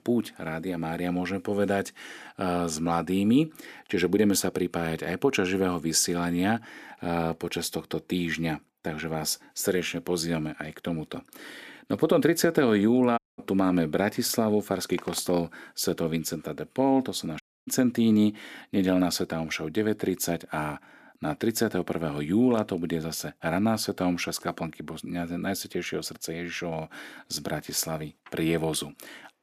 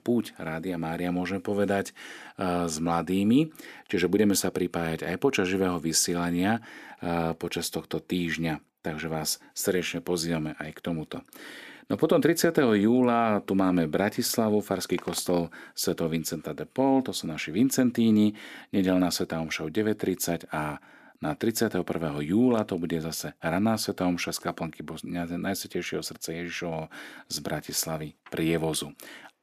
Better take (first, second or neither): second